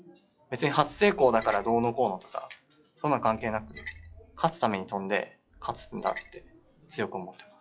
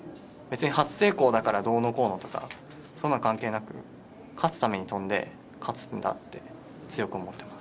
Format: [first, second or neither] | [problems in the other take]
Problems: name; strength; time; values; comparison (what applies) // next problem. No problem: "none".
second | noise reduction (classical method log-MMSE)